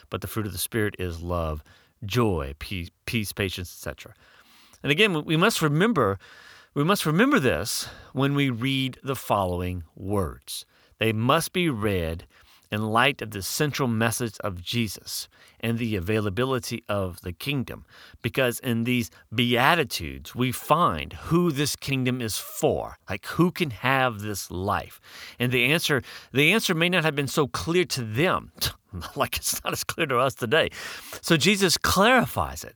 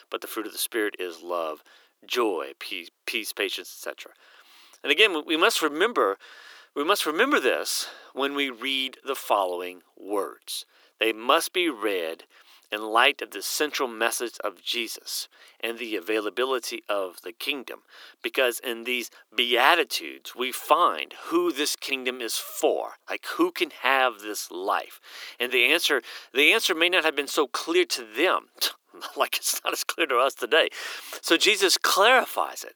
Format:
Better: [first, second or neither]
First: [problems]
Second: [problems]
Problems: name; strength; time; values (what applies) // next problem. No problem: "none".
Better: first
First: none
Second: thin; very; fading below 300 Hz